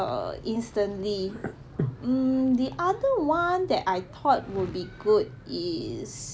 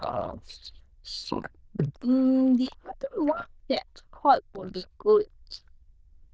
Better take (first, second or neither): first